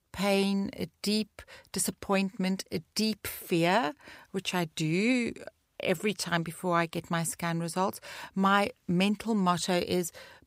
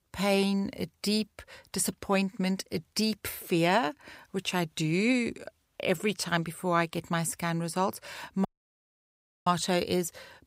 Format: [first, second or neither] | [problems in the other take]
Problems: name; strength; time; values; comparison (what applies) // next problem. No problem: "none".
first | audio cutting out; at 8.5 s for 1 s